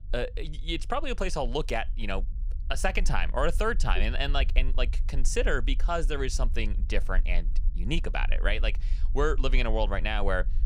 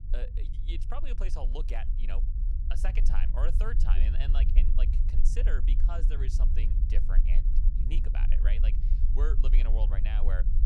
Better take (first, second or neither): first